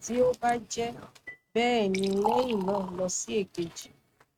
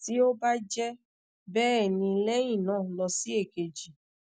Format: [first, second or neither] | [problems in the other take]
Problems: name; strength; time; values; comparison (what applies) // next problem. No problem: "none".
second | noise reduction (neural mask model RNNoise)